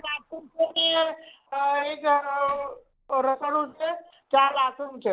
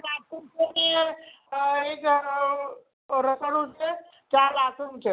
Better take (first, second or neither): second